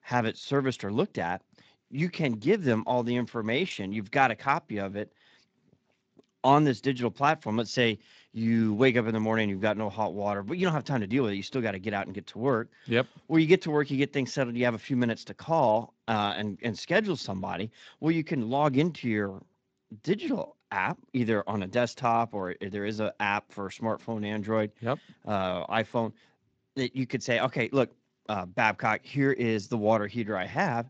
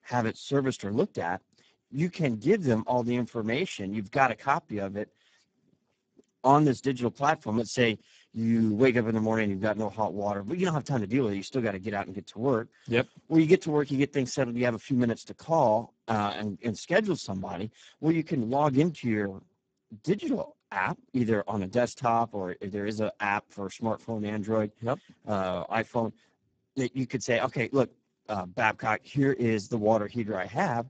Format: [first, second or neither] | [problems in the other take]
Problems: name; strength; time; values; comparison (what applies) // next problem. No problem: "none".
first | garbled, watery; badly; nothing above 7.5 kHz; slightly in the first